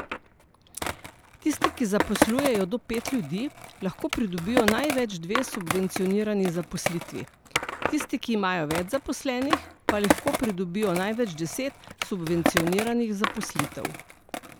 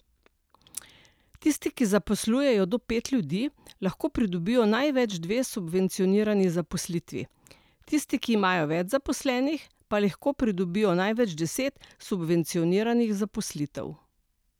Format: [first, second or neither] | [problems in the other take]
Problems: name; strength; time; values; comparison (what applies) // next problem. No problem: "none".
second | background sound (Skateboard); 3 dB below the speech